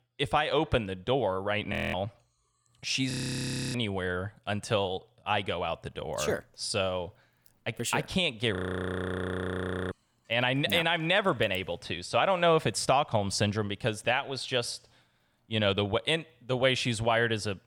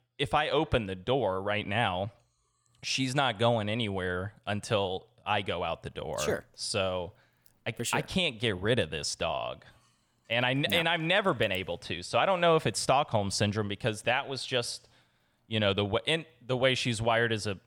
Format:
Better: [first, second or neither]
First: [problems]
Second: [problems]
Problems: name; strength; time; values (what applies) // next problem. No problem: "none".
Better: second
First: audio freezing; at 1.5 s, at 3 s for 0.5 s and at 8.5 s for 1.5 s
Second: none